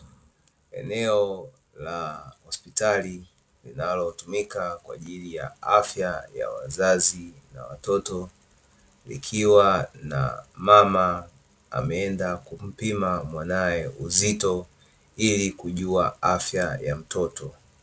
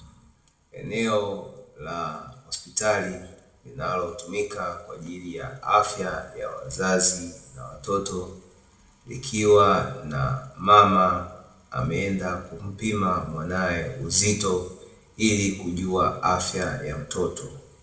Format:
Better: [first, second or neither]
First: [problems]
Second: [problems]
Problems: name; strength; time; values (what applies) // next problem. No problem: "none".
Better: first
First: none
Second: room echo; dies away in 0.7 s